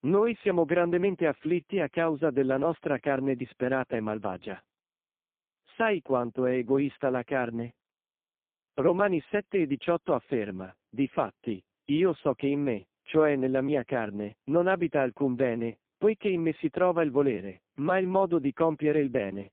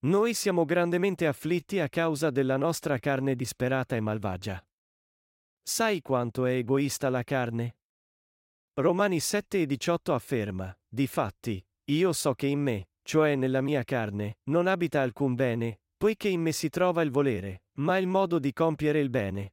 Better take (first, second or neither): second